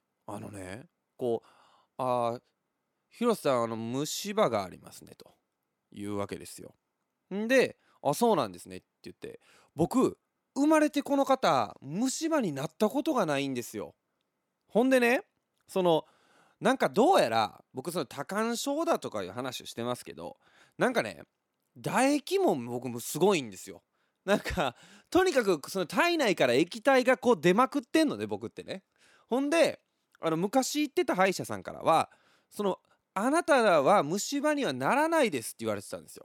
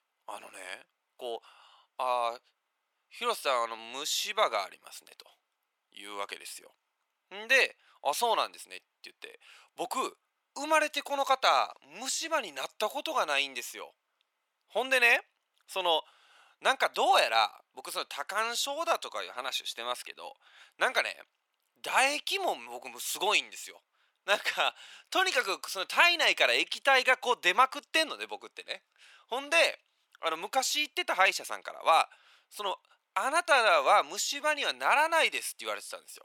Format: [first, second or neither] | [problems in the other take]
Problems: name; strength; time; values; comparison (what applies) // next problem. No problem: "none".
first | thin; very; fading below 900 Hz